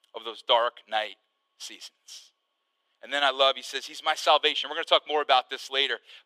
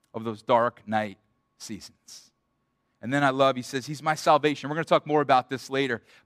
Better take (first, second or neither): second